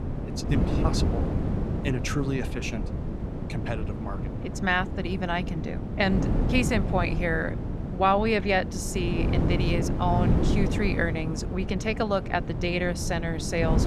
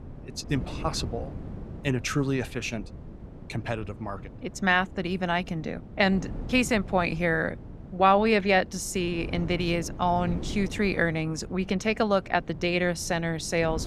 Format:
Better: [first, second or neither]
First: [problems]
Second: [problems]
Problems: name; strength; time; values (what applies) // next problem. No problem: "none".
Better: second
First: wind noise on the microphone; heavy; 8 dB below the speech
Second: wind noise on the microphone; occasional gusts; 20 dB below the speech